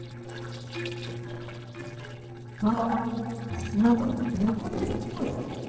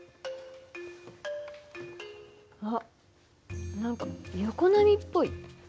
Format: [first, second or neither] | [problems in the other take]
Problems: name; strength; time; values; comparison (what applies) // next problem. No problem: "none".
second | noise reduction (neural separator model SepFormer DNS4)